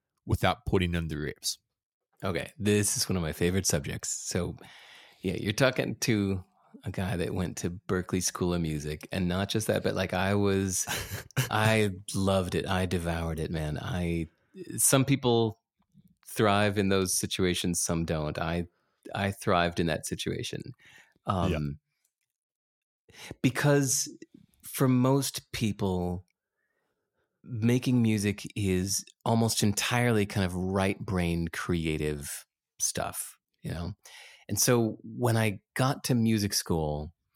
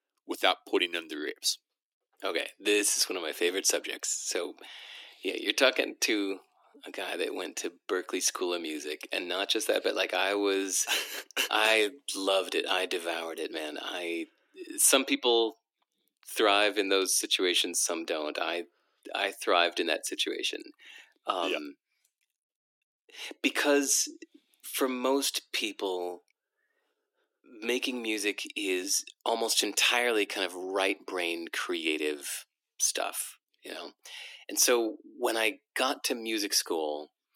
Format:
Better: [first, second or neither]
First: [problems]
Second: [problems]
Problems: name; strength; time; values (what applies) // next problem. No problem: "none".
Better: first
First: none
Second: thin; somewhat; fading below 300 Hz